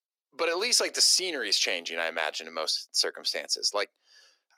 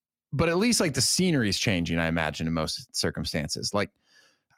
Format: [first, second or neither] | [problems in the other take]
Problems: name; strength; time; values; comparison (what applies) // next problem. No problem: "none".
second | thin; very; fading below 400 Hz